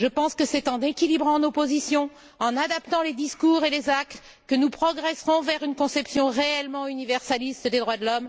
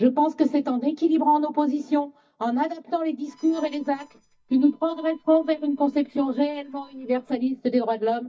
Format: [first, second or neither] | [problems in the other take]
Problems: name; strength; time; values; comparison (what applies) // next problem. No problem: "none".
first | noise reduction (neural mask model DeepFilterNet 3)